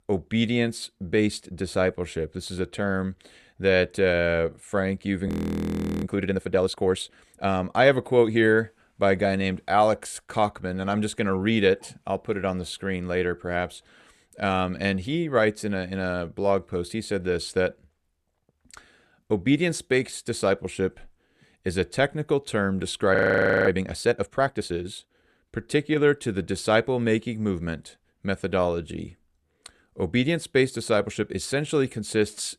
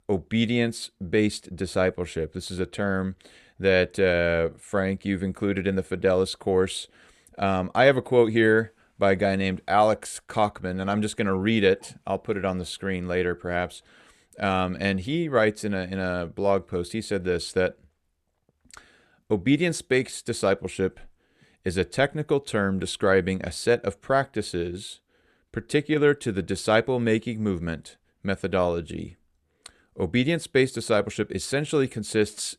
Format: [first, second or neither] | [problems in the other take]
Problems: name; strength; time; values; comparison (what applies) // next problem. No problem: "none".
second | audio freezing; at 5.5 s for 1 s and at 23 s for 0.5 s